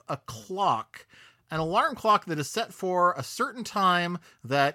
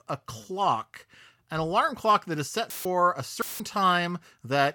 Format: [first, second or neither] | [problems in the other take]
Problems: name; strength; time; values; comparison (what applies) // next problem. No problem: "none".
first | audio cutting out; filled with static; at 2.5 s and at 3.5 s